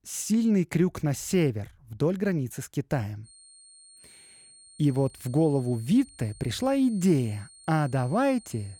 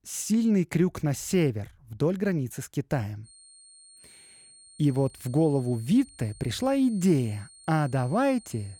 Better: neither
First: high-pitched whine; faint; from 3.5 s on; 8.5 kHz, 25 dB below the speech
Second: high-pitched whine; faint; from 3.5 s on; 8.5 kHz, 25 dB below the speech

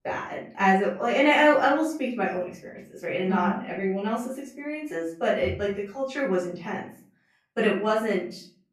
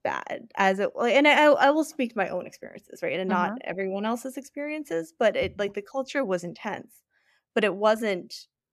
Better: second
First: off-mic speech; far // room echo; noticeable; dies away in 0.5 s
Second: none

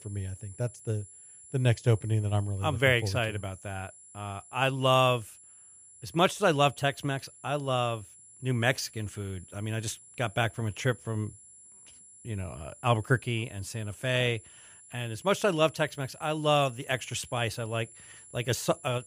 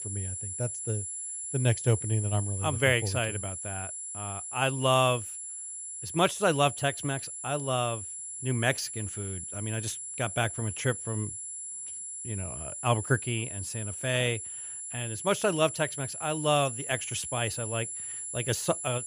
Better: first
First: high-pitched whine; faint; throughout; 10 kHz, 20 dB below the speech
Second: high-pitched whine; loud; throughout; 10 kHz, 5 dB below the speech

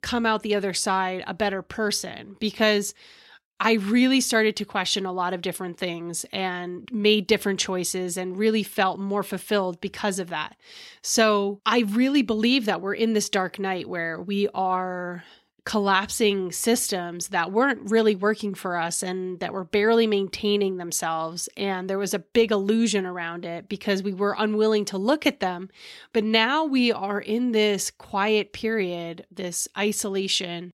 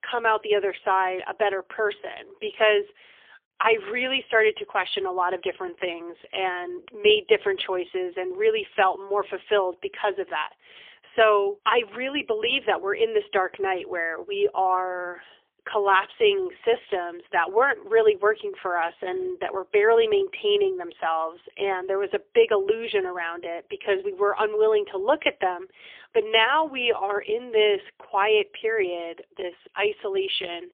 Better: first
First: none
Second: phone-call audio; poor line; nothing above 3.5 kHz

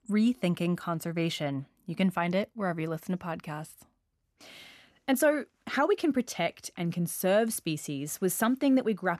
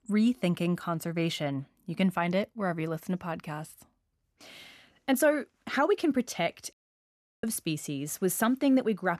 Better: first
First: none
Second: audio cutting out; at 6.5 s for 0.5 s

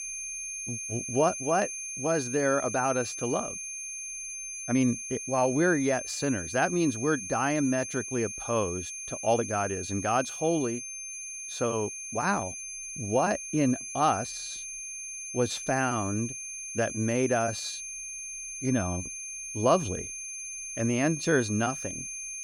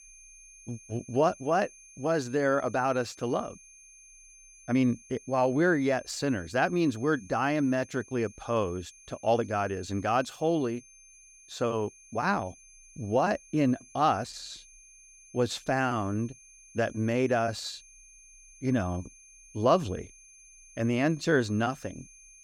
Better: second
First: high-pitched whine; loud; throughout; 6.5 kHz, 6 dB below the speech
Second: high-pitched whine; faint; throughout; 6.5 kHz, 20 dB below the speech

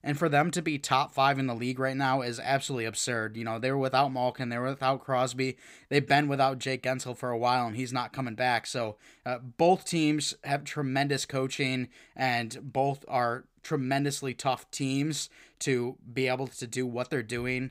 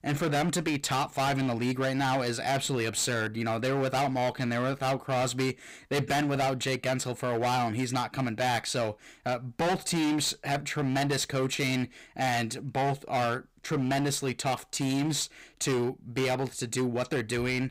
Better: first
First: none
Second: distortion; heavy; 21% of the sound clipped

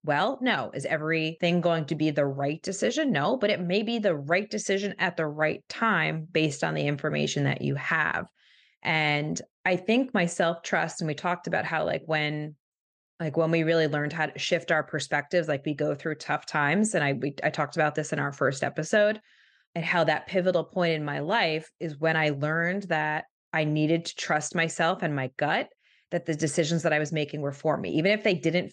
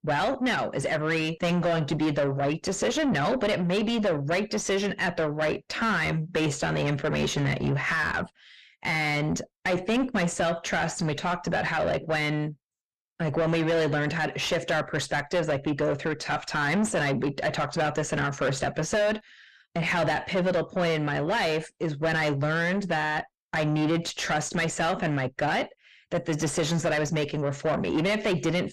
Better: first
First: none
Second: distortion; heavy; 6 dB below the speech

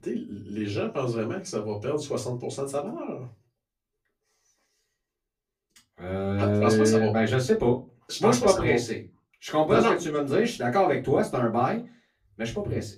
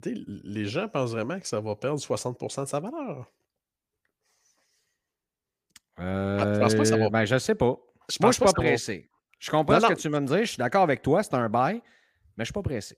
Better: second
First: off-mic speech; far // room echo; very slight; dies away in 0.2 s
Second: none

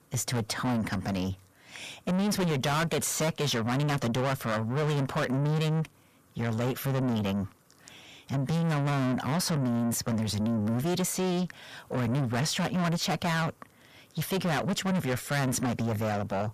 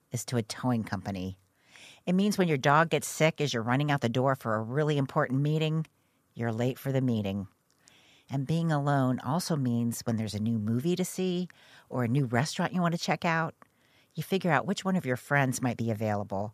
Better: second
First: distortion; heavy; 5 dB below the speech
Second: none

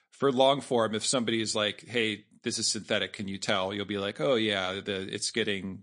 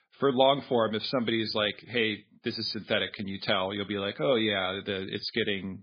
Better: first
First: garbled, watery; slightly; nothing above 9 kHz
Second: garbled, watery; badly; nothing above 5 kHz

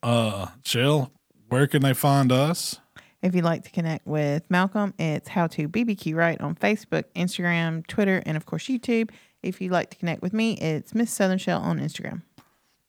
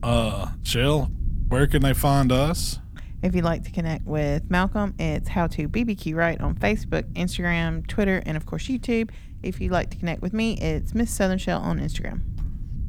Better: first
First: none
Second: low rumble; faint; throughout; 20 dB below the speech

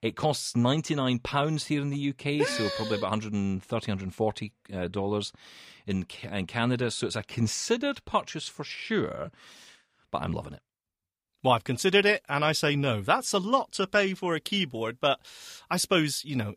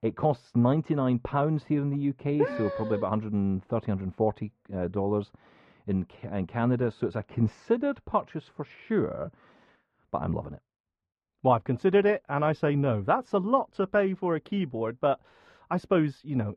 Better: first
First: none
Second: muffled; very; fading above 3 kHz

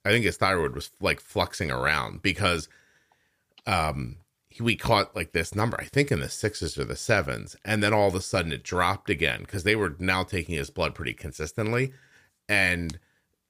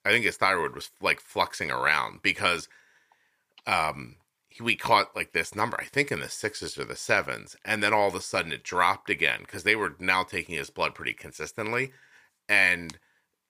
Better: first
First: none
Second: thin; somewhat; fading below 350 Hz

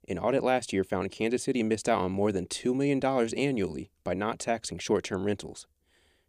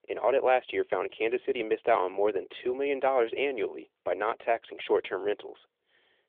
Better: first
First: none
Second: phone-call audio

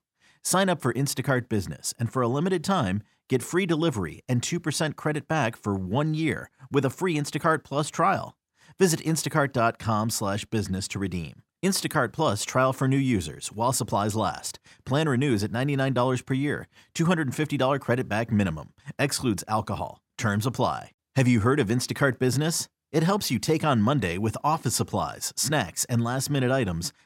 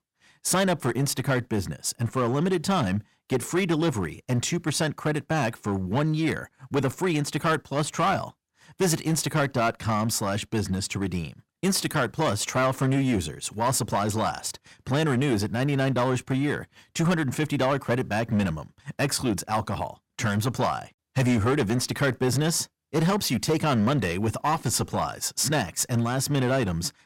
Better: first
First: none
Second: distortion; slight; 7% of the sound clipped

